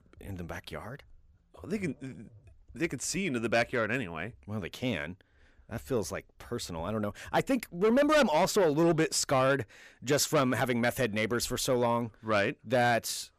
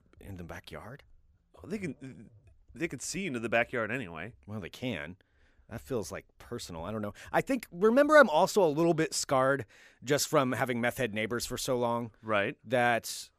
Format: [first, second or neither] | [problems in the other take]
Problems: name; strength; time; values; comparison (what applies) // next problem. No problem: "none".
second | distortion; heavy; 8 dB below the speech